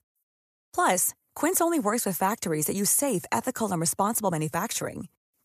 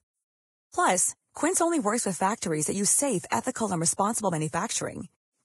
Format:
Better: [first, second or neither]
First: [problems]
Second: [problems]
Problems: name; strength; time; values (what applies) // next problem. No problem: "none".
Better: first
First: none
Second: garbled, watery; badly; nothing above 11 kHz